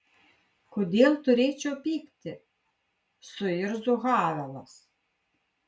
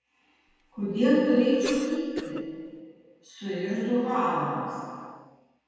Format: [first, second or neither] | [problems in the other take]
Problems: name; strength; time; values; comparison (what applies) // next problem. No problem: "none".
first | background sound (Cough); 12 dB below the speech // room echo; dies away in 2.1 s